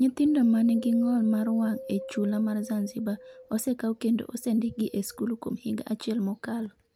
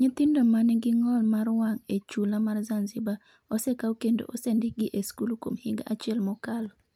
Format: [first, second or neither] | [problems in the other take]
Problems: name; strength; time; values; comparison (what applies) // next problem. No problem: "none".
second | background sound (Wind); 18 dB below the speech